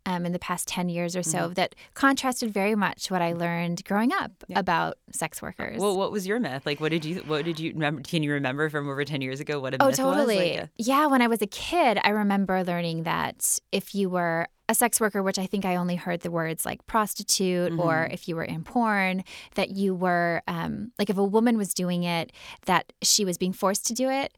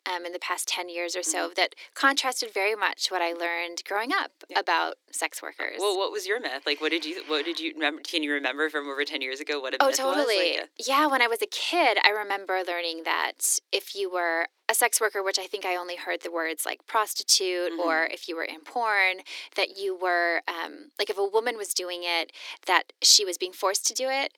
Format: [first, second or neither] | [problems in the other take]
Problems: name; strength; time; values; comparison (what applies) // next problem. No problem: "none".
first | thin; somewhat; fading below 300 Hz